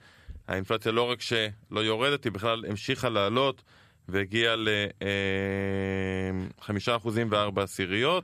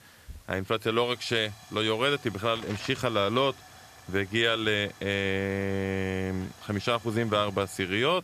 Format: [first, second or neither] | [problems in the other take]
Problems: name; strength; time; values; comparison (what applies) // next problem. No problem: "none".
first | hiss; faint; throughout; 20 dB below the speech